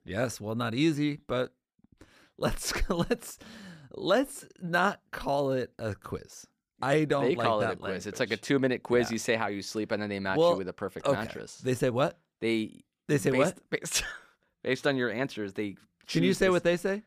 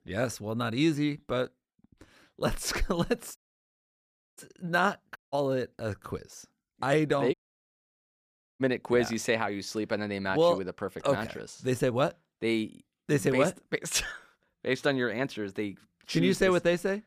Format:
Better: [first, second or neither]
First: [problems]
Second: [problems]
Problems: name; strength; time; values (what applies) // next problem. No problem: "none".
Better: first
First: none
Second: audio cutting out; at 3.5 s for 1 s, at 5 s and at 7.5 s for 1.5 s